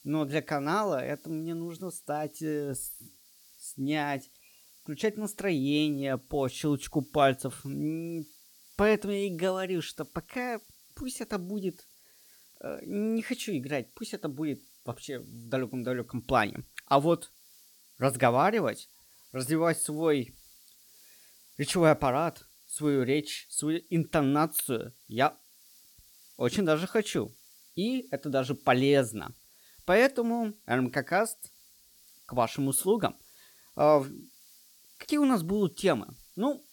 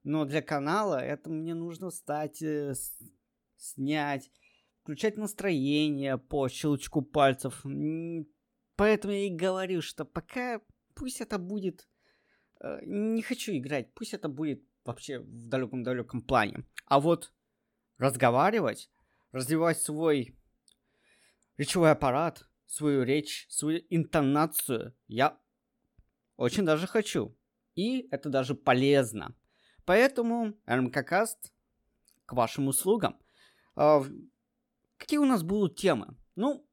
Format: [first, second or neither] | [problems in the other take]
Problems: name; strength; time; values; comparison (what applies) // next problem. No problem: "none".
second | hiss; faint; throughout; 25 dB below the speech